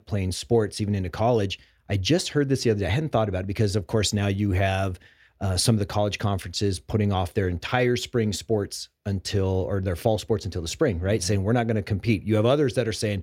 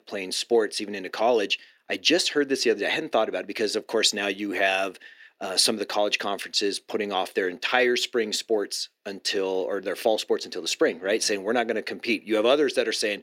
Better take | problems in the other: first | thin; somewhat; fading below 300 Hz

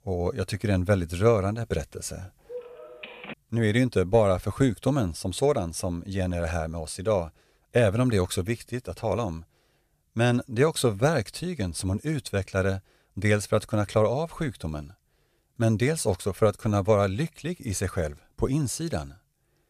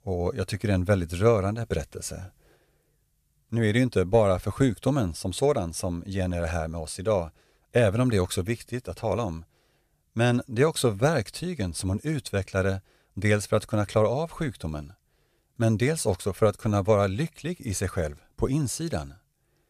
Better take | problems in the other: second | phone ringing; faint; at 2.5 s; peak 15 dB below the speech

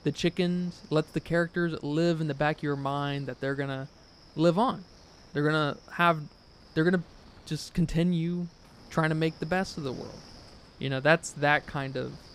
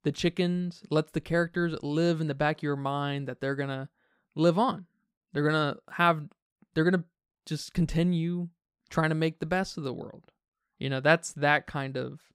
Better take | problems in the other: second | wind noise on the microphone; occasional gusts; 25 dB below the speech

